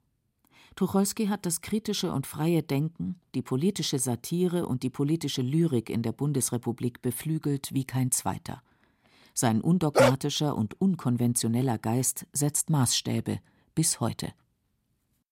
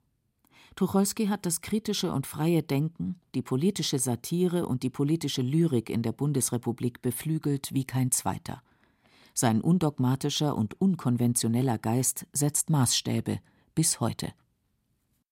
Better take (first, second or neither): second